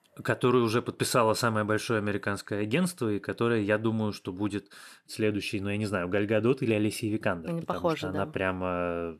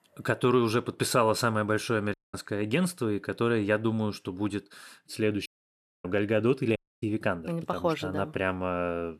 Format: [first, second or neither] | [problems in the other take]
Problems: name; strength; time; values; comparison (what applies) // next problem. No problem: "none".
first | audio cutting out; at 2 s, at 5.5 s for 0.5 s and at 7 s